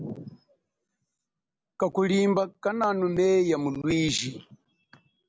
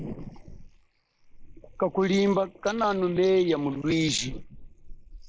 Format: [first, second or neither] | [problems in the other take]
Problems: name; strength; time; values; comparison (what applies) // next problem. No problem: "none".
first | noise reduction (neural mask model Resemble Enhance denoiser)